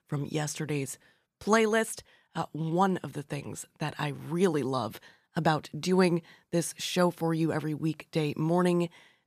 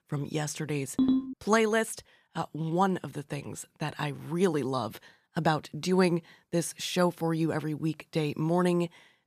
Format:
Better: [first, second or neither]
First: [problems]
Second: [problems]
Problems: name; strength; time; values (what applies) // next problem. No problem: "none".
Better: first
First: none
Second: phone ringing; loud; at 1 s; peak 3 dB above the speech